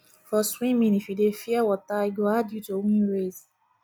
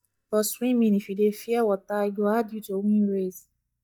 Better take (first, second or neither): first